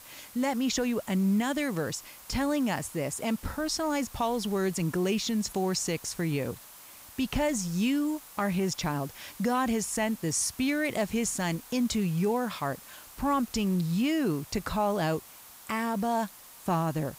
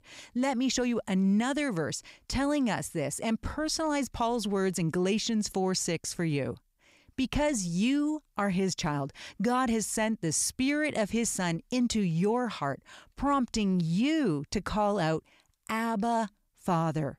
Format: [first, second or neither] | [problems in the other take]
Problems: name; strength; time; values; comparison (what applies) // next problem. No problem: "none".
second | hiss; noticeable; throughout; 15 dB below the speech